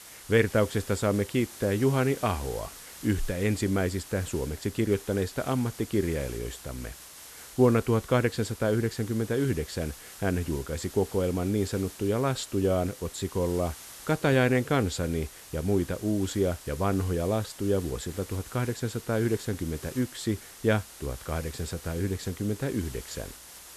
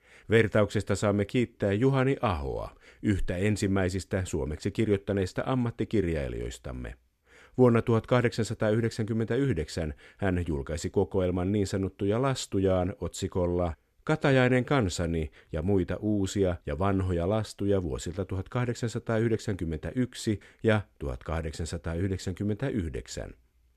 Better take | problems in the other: second | hiss; noticeable; throughout; 15 dB below the speech

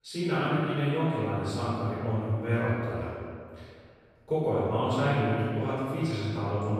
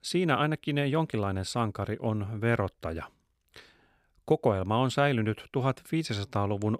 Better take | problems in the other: second | room echo; strong; dies away in 2 s // off-mic speech; far

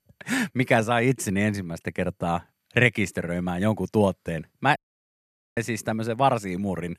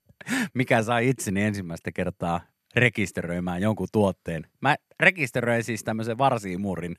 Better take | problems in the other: second | audio cutting out; at 5 s for 1 s

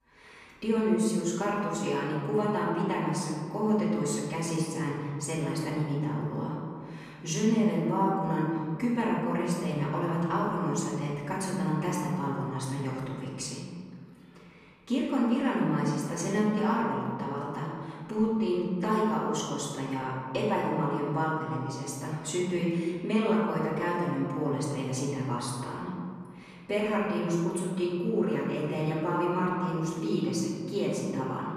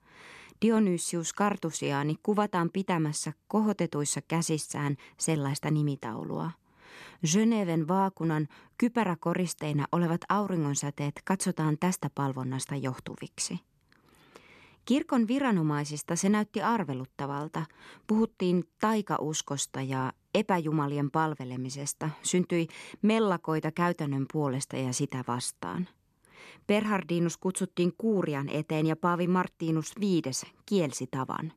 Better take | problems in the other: second | room echo; noticeable; dies away in 1.9 s // off-mic speech; far

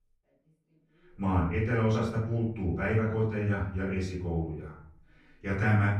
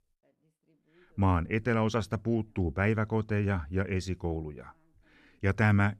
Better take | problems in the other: second | off-mic speech; far // room echo; noticeable; dies away in 0.6 s

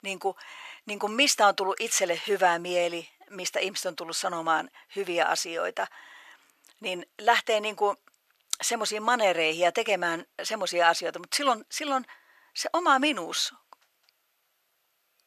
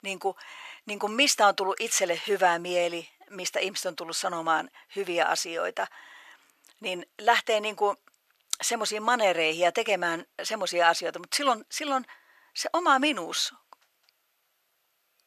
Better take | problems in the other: neither | thin; very; fading below 650 Hz; the same in both

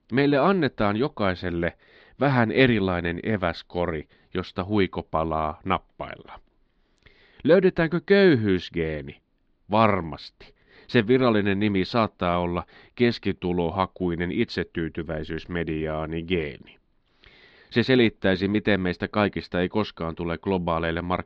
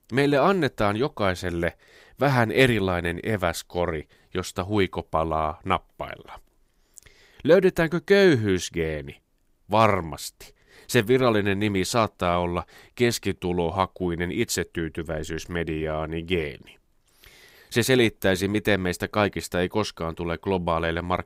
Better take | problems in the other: second | muffled; very slightly; fading above 4 kHz

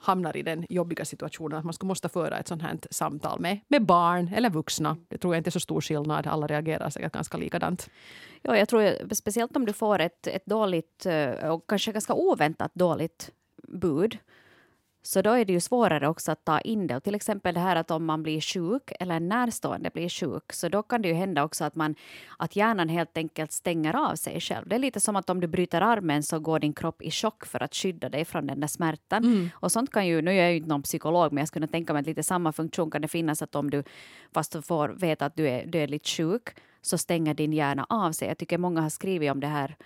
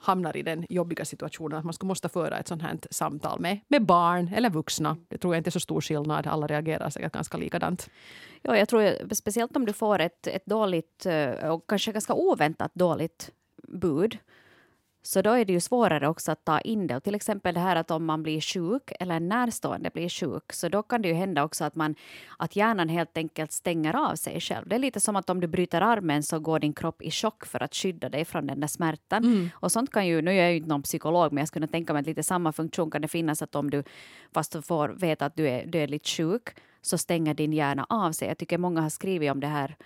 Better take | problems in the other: neither | none

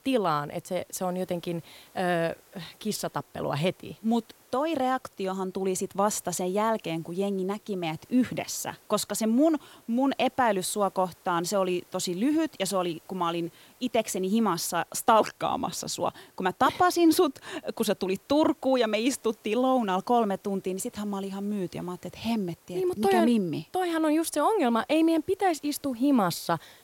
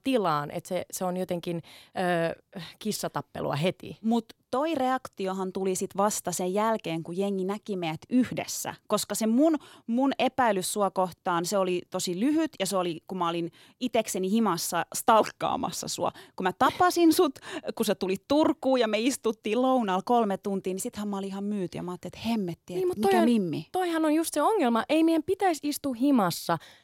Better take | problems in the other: second | hiss; faint; throughout; 30 dB below the speech

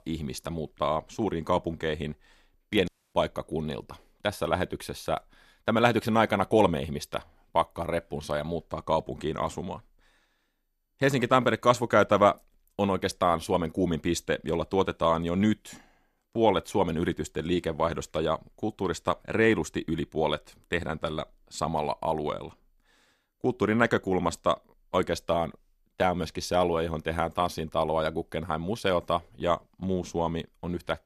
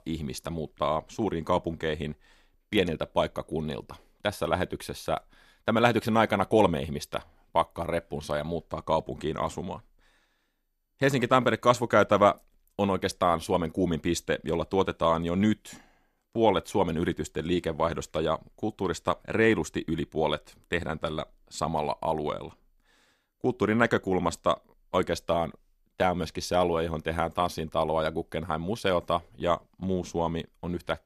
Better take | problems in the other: second | audio cutting out; at 3 s

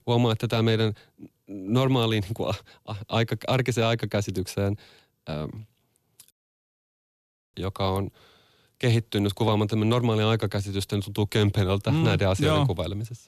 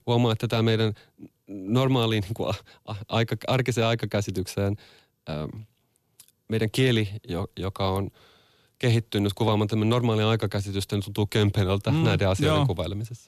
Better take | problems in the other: second | audio cutting out; at 6.5 s for 1 s

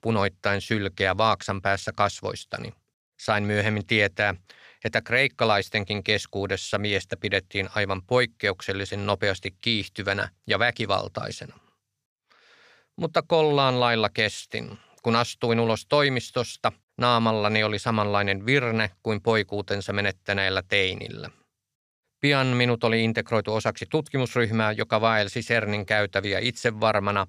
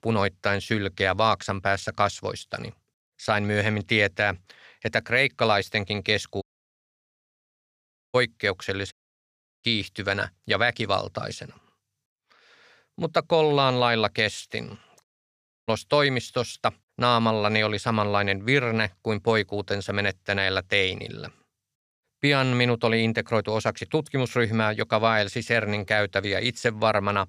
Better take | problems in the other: first | audio cutting out; at 6.5 s for 1.5 s, at 9 s for 0.5 s and at 15 s for 0.5 s

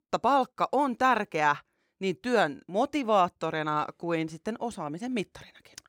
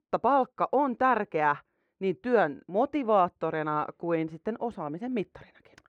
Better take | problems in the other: first | muffled; very; fading above 3.5 kHz

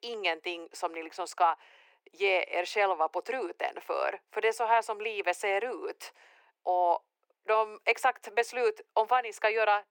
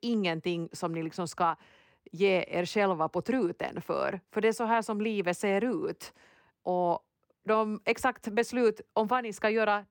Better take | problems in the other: second | thin; very; fading below 400 Hz

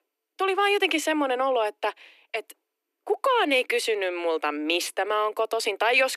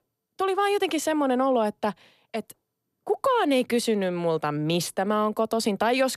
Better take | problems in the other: second | thin; somewhat; fading below 300 Hz

